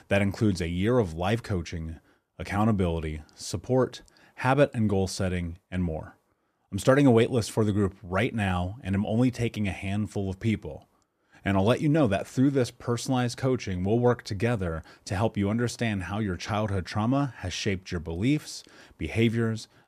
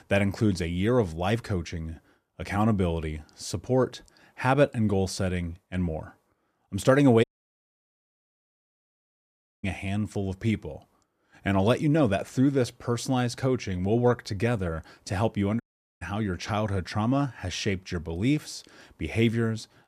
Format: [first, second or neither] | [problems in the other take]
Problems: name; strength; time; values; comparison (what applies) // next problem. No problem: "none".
first | audio cutting out; at 7 s for 2.5 s and at 16 s